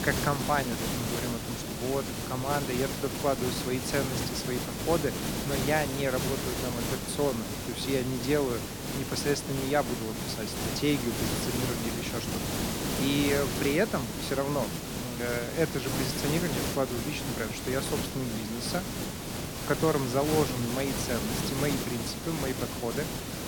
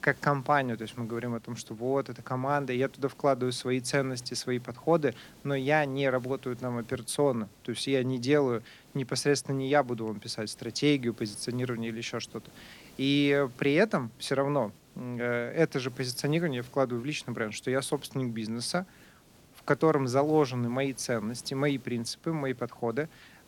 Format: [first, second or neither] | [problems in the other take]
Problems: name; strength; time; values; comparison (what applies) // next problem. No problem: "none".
second | hiss; loud; throughout; 1 dB below the speech; faint in the second